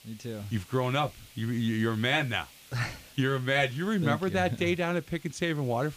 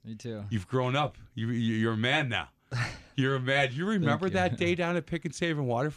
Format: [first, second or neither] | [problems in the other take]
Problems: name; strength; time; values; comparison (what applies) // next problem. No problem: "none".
second | hiss; faint; throughout; 20 dB below the speech